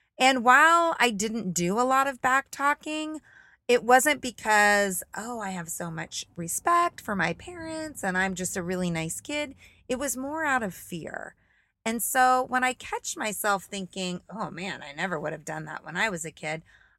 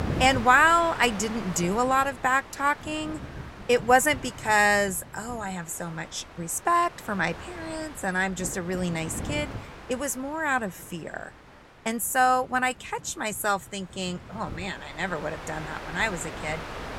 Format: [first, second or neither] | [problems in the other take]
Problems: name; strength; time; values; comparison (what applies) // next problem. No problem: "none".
first | wind noise on the microphone; occasional gusts; 15 dB below the speech